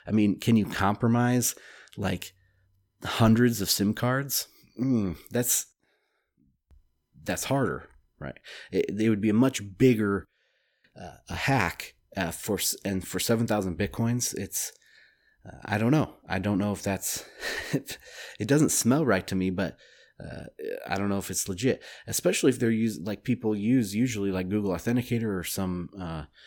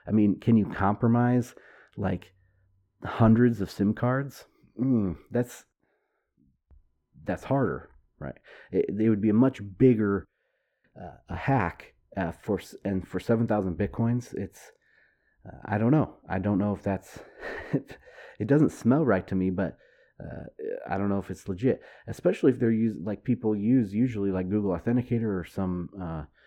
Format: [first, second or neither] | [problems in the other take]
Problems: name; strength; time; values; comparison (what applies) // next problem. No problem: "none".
first | muffled; very; fading above 2.5 kHz